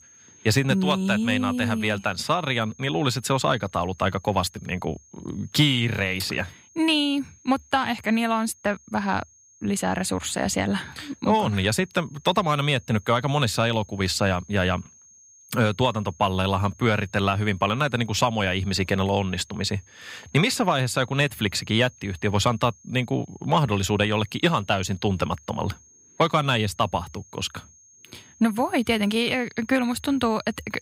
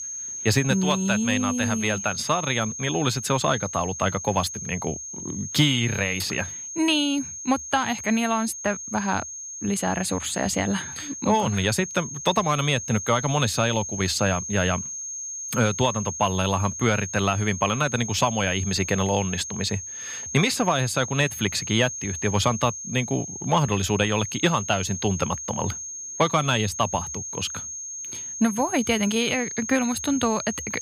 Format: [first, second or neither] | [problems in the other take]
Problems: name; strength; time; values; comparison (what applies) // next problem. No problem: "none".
first | high-pitched whine; loud; throughout; 6.5 kHz, 7 dB below the speech; faint in the first